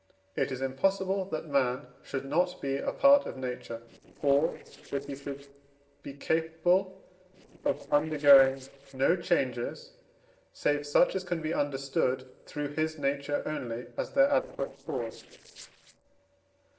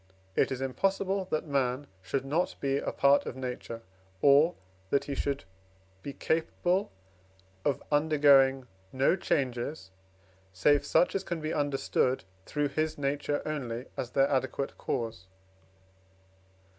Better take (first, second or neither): second